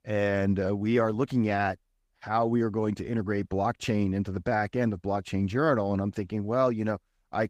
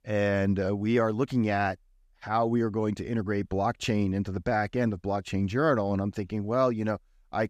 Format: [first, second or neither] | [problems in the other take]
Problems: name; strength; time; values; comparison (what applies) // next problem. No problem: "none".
second | garbled, watery; slightly; nothing above 15.5 kHz